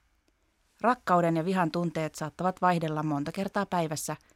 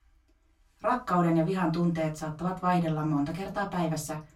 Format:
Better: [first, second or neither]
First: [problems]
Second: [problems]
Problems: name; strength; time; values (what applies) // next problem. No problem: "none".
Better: first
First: none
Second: off-mic speech; far // room echo; very slight; dies away in 0.2 s